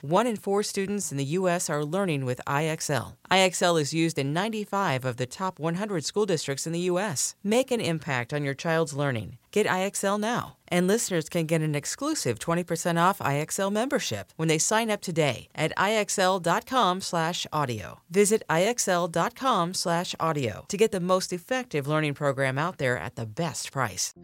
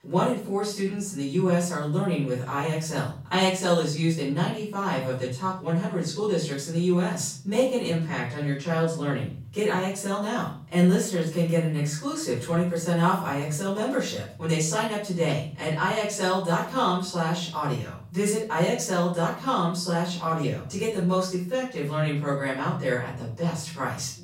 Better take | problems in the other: first | off-mic speech; far // room echo; noticeable; dies away in 0.5 s

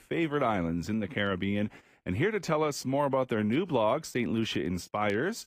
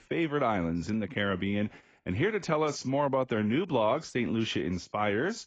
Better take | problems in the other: first | garbled, watery; badly; nothing above 7.5 kHz; slightly in the first

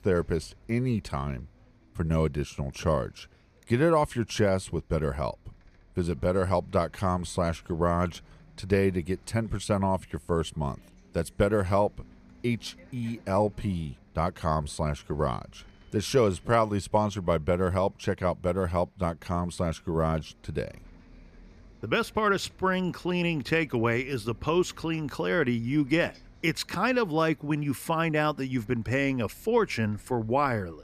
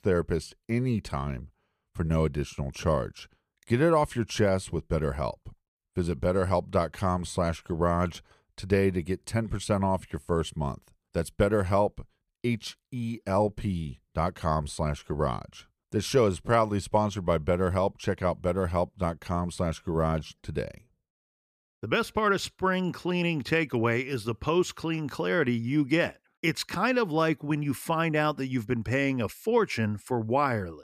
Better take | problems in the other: second | traffic noise; faint; throughout; 30 dB below the speech

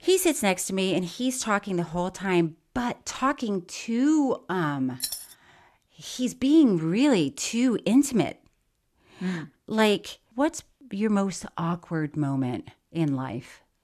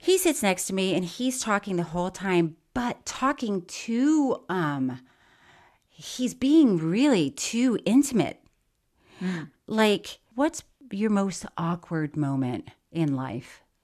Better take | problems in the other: second | jangling keys; noticeable; at 5 s; peak 6 dB below the speech

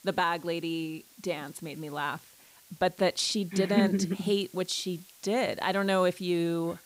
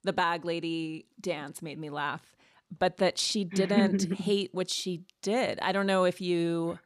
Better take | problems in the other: second | hiss; faint; throughout; 25 dB below the speech

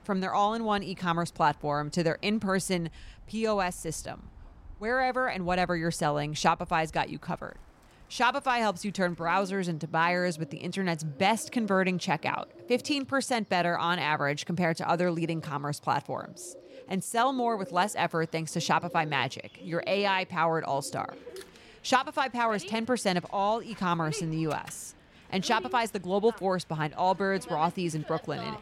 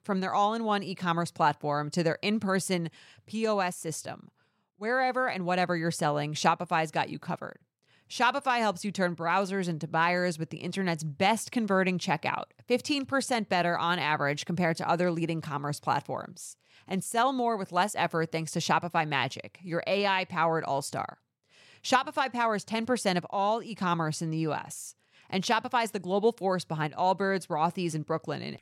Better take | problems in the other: second | animal sounds; faint; throughout; 20 dB below the speech

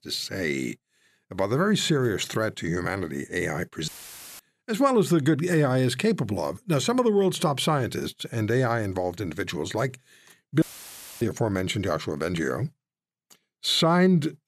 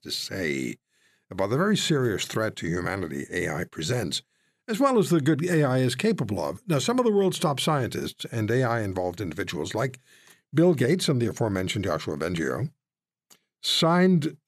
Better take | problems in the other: second | audio cutting out; filled with static; at 4 s for 0.5 s and at 11 s for 0.5 s

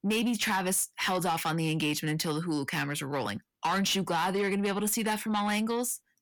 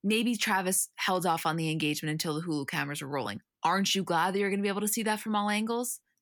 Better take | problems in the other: second | distortion; slight; 10 dB below the speech

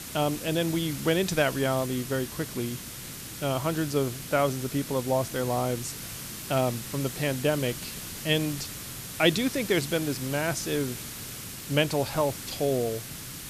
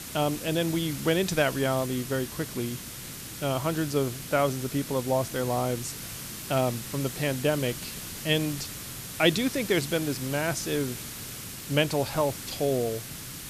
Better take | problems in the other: neither | hiss; loud; throughout; 8 dB below the speech; the same in both

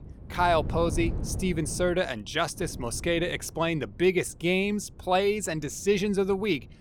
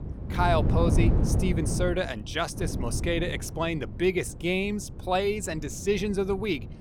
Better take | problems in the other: first | wind noise on the microphone; heavy; 9 dB below the speech; occasional gusts in the first

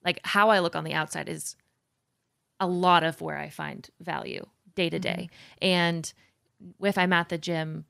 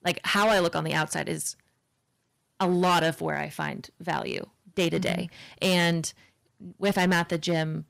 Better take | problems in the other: first | distortion; heavy; 6% of the sound clipped

